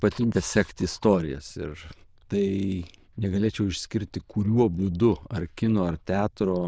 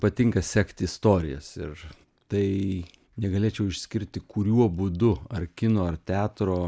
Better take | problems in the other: second | noise reduction (neural diffusion model UNIVERSE++)

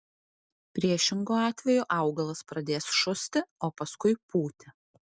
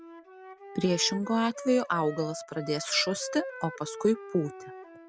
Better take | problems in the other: first | background sound (Wind instrument, woodwind instrument); 12 dB below the speech

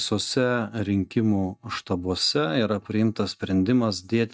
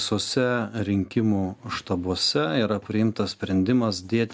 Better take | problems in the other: second | noise reduction (neural mask model DeepFilterNet 3)

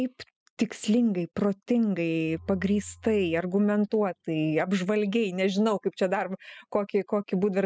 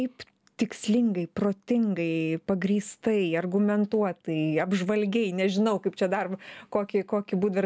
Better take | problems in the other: second | noise reduction (classical method spectral subtraction)

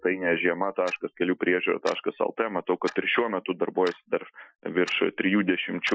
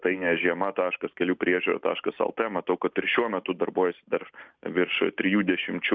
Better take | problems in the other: second | noise reduction (classical method Wiener filter)

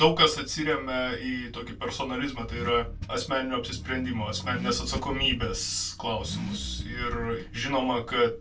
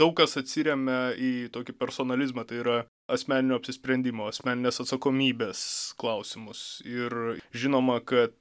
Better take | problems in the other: second | background sound (Accelerating, revving, vroom / Car); 9 dB below the speech // room echo; dies away in 0.2 s

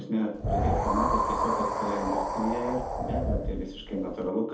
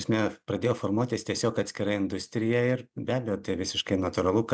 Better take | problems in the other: second | background sound (Wind); 3 dB above the speech // room echo; dies away in 0.6 s

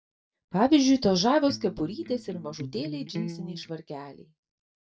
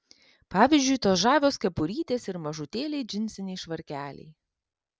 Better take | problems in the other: second | noise reduction (neural mask model DeepFilterNet 3)

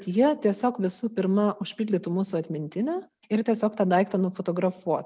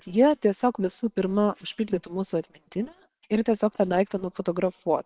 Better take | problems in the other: first | noise reduction (neural separator model SepFormer WHAM!)

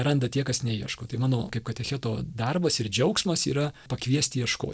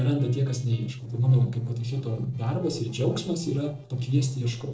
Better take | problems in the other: first | noise reduction (neural separator model SepFormer DNS4)

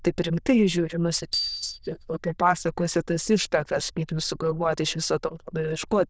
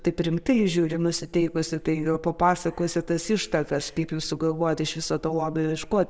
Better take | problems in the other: second | noise reduction (neural diffusion model UNIVERSE++)

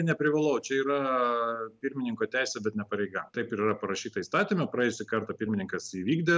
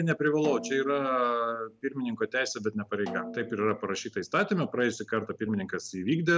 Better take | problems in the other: first | background sound (Snare drum); 15 dB below the speech

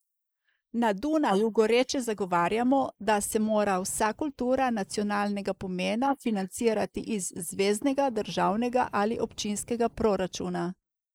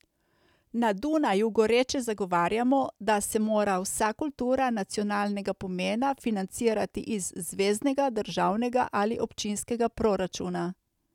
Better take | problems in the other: second | noise reduction (neural mask model Resemble Enhance denoiser)

